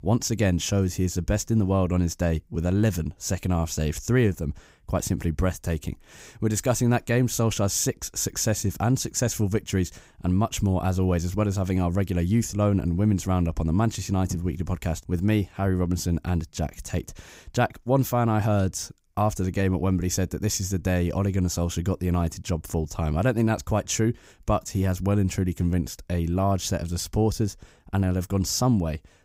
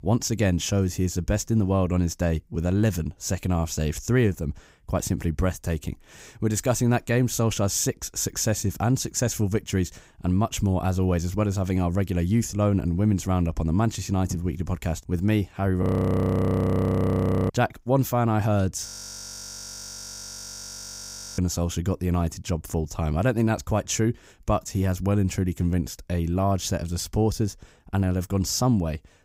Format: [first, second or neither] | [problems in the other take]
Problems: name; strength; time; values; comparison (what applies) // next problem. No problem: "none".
first | audio freezing; at 16 s for 1.5 s and at 19 s for 2.5 s